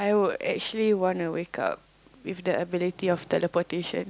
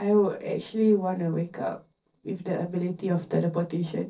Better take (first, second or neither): first